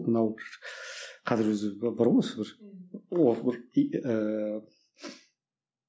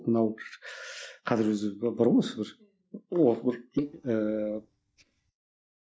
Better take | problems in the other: first | noise reduction (neural mask model DeepFilterNet 3)

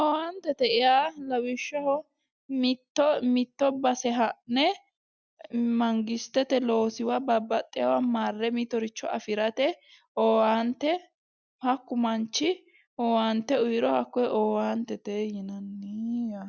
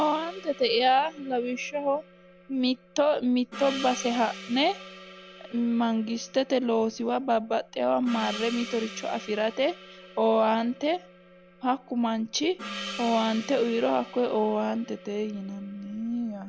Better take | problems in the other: first | background sound (Gong); 15 dB below the speech

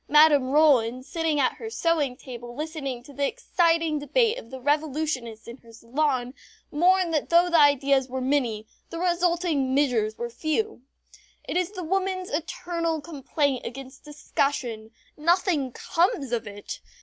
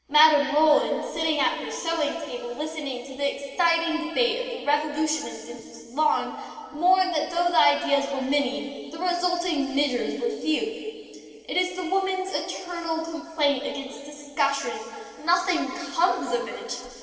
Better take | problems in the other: first | room echo; dies away in 2.6 s

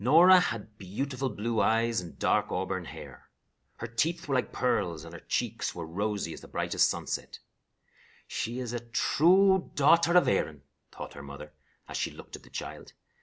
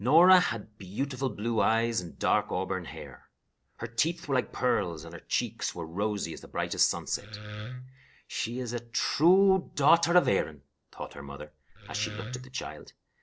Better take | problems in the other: first | noise reduction (neural separator model SepFormer DNS4)

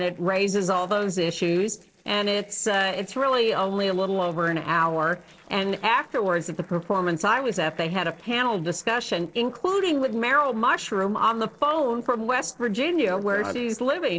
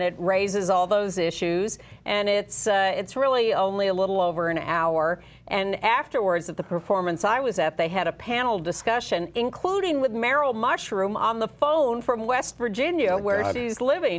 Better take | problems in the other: second | noise reduction (neural separator model SepFormer DNS4)

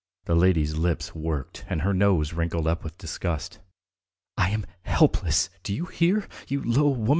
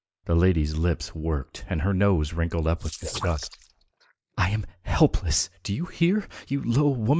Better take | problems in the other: first | noise reduction (neural mask model Resemble Enhance denoiser)

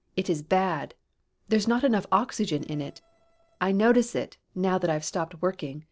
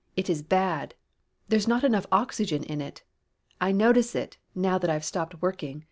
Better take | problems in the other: second | noise reduction (neural separator model SepFormer DNS4)

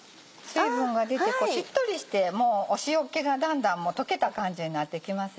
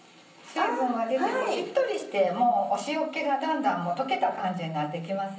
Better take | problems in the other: first | room echo; dies away in 0.6 s

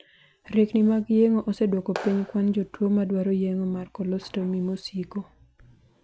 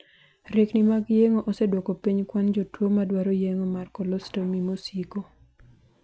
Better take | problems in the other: second | background sound (Clapping); 13 dB below the speech

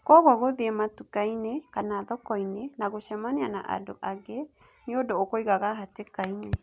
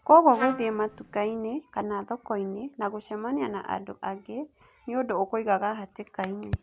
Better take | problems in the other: first | background sound (Trumpet); 9 dB below the speech

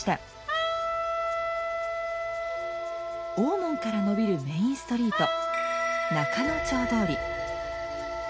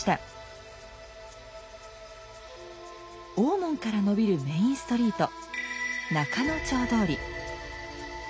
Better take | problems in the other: second | background sound (Wind instrument, woodwind instrument); 1 dB below the speech

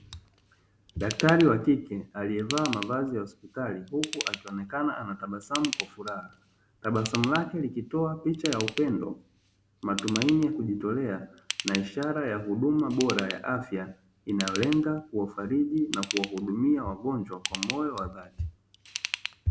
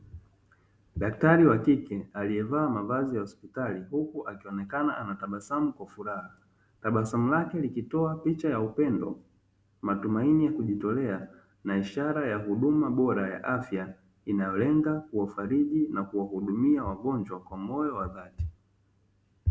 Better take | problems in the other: second | background sound (Ratchet, pawl / Tools); 10 dB below the speech

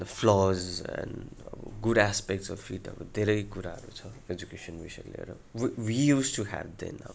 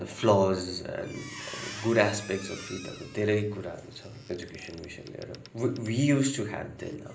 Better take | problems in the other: first | background sound (Squeak); 18 dB below the speech // room echo; dies away in 0.5 s

